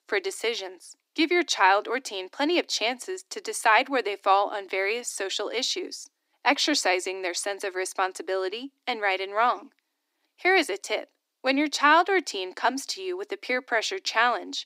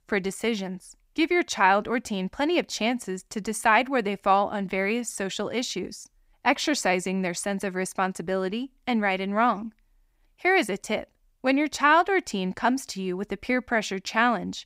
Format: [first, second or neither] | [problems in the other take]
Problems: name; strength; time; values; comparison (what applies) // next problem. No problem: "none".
second | thin; very slightly; fading below 300 Hz